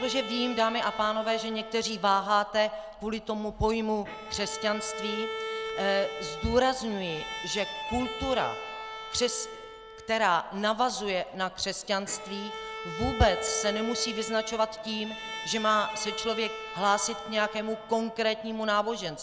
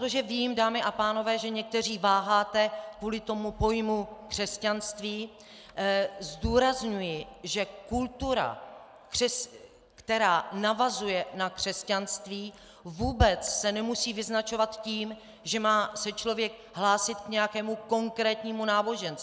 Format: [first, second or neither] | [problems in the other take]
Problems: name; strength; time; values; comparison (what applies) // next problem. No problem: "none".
second | background sound (Bowed string instrument); 10 dB below the speech